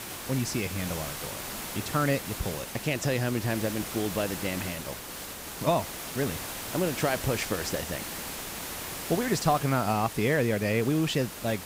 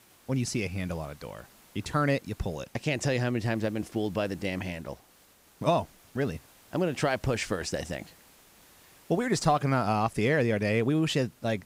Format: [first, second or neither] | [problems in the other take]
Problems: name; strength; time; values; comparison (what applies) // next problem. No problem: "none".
second | hiss; loud; throughout; 7 dB below the speech; faint in the second